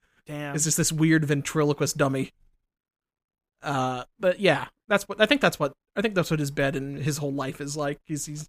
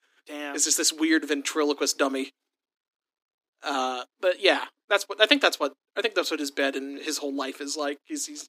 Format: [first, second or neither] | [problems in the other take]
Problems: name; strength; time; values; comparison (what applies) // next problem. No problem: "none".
first | thin; very slightly; fading below 250 Hz